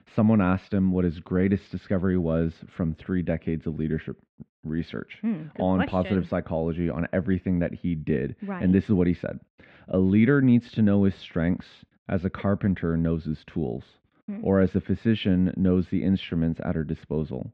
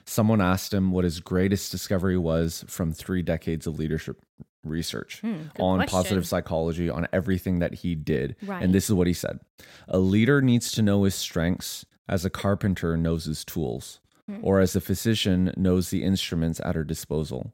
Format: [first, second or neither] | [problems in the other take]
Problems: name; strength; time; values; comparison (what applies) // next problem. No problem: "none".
second | muffled; very; fading above 2.5 kHz